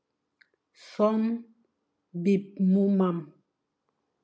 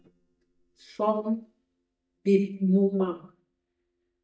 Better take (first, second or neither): first